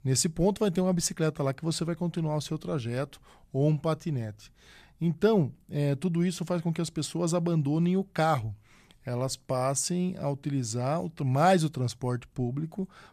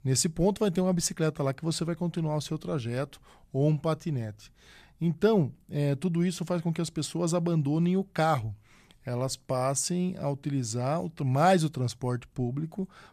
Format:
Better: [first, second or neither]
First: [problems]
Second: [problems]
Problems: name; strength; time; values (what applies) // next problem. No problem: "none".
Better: neither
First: none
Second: none